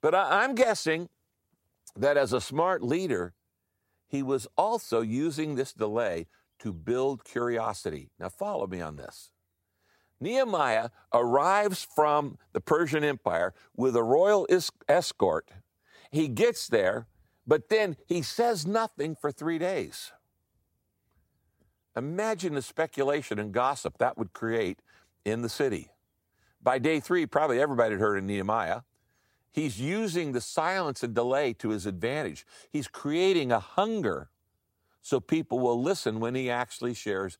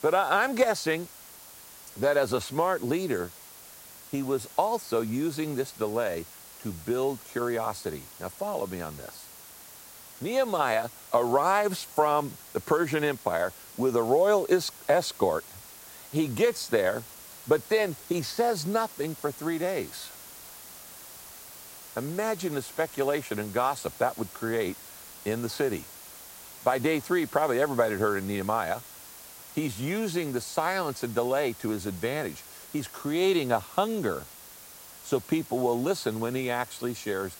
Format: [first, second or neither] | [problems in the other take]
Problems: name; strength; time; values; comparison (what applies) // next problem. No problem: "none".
first | hiss; noticeable; throughout; 15 dB below the speech